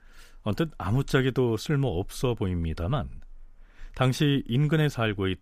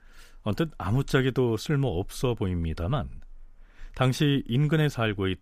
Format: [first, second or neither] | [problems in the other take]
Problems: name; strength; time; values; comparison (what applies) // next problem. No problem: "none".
neither | none